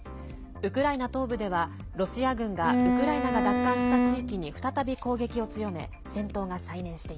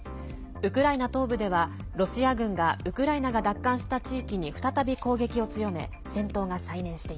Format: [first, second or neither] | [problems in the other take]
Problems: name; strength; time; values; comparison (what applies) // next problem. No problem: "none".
second | background sound (Bowed string instrument); 5 dB above the speech